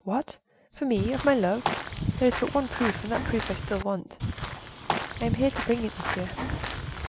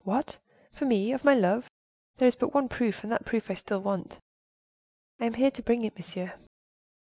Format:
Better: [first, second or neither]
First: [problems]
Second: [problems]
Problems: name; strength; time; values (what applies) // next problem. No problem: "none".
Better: second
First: background sound (Walk, footsteps / Bird vocalization, bird call, bird song); 3 dB below the speech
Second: none